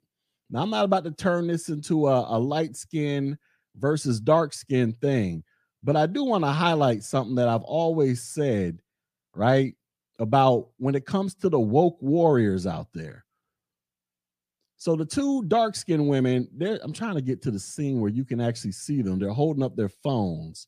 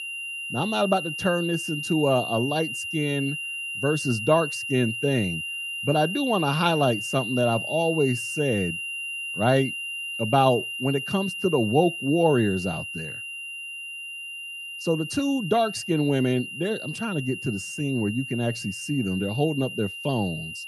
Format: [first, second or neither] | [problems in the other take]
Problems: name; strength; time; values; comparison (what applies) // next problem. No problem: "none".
first | high-pitched whine; loud; throughout; 3 kHz, 6 dB below the speech